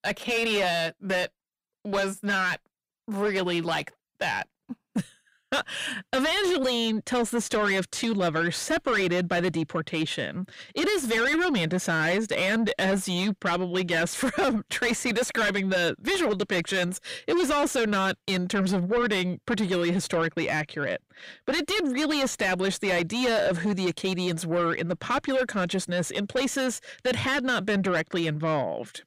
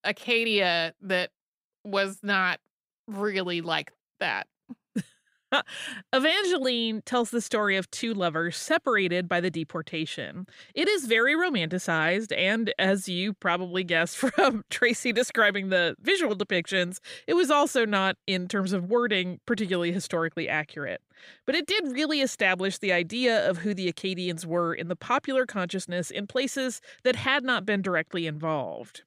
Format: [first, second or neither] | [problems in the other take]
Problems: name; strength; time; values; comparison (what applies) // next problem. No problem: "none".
second | distortion; heavy; 7 dB below the speech